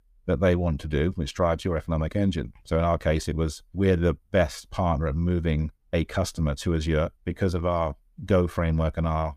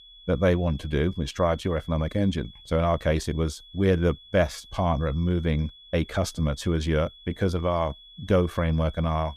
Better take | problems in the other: first | high-pitched whine; faint; throughout; 3.5 kHz, 20 dB below the speech

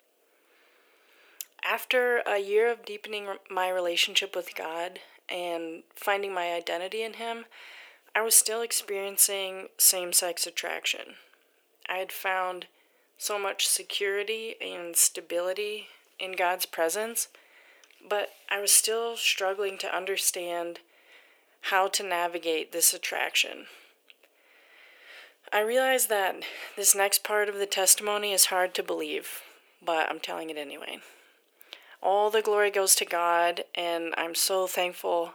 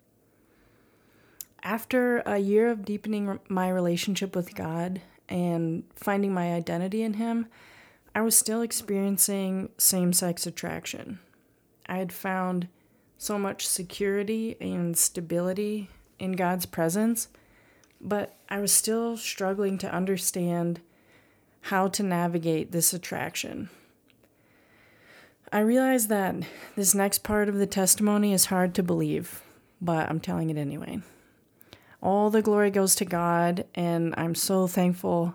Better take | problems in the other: second | thin; very; fading below 400 Hz

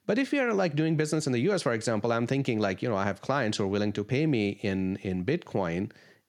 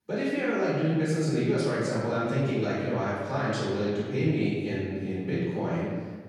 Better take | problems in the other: first | off-mic speech; far // room echo; strong; dies away in 1.4 s

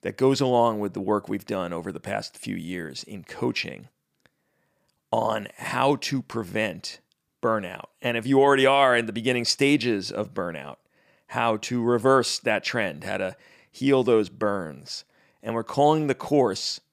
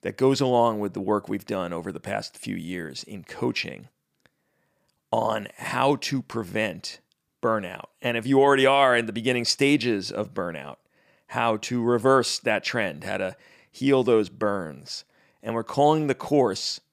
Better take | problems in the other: neither | none

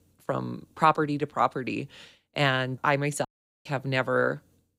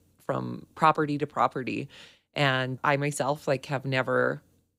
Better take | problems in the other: second | audio cutting out; at 3.5 s

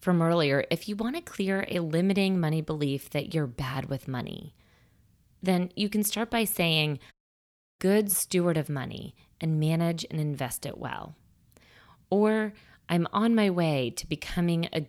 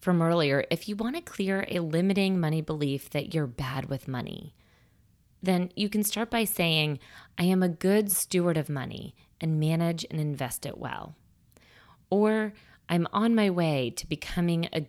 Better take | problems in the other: second | audio cutting out; at 7 s for 0.5 s

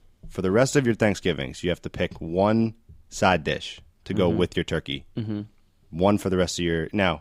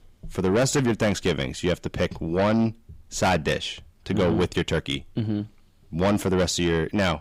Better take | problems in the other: first | distortion; heavy; 8 dB below the speech

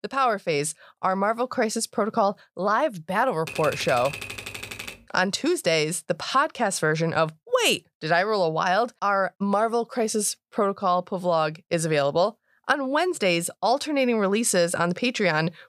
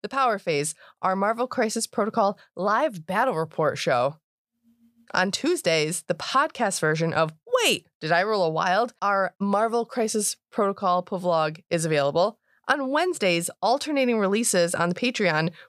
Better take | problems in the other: second | keyboard typing; noticeable; from 3.5 to 5 s; peak 8 dB below the speech

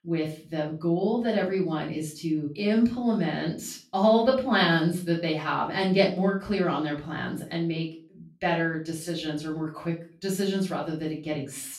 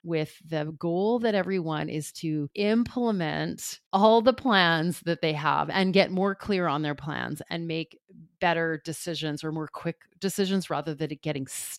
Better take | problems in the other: second | off-mic speech; far // room echo; slight; dies away in 0.3 s

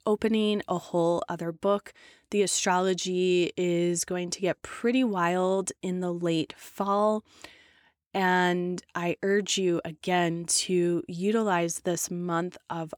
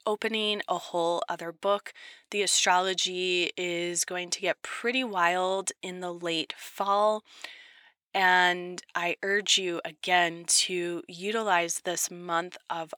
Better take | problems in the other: first | thin; somewhat; fading below 850 Hz

